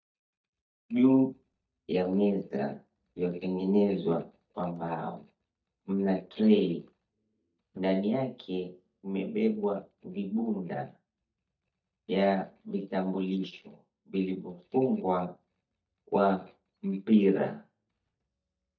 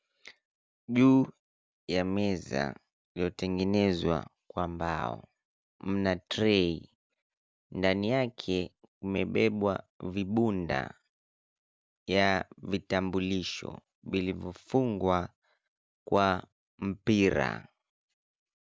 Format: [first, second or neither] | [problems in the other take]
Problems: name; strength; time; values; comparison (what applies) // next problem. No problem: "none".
second | noise reduction (neural mask model DeepFilterNet 3)